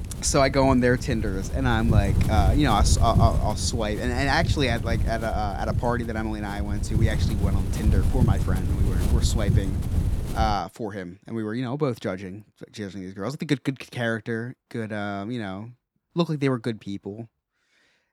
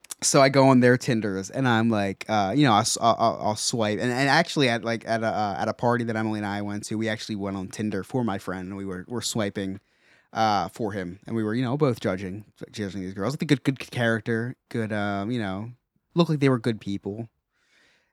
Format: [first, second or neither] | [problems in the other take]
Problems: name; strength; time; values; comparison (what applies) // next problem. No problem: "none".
second | wind noise on the microphone; occasional gusts; until 11 s; 10 dB below the speech